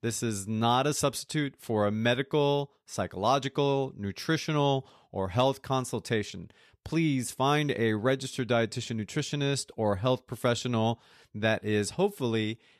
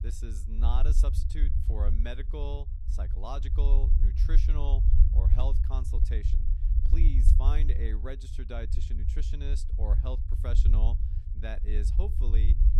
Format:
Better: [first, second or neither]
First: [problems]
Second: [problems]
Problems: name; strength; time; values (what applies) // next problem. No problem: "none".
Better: first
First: none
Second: low rumble; loud; throughout; 5 dB below the speech